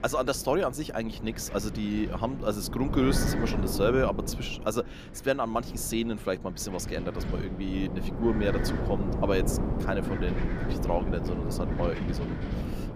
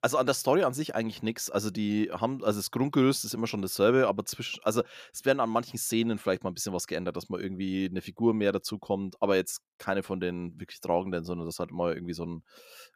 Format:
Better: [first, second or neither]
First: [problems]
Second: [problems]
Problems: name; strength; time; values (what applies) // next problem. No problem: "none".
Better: second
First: wind noise on the microphone; heavy; 7 dB below the speech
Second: none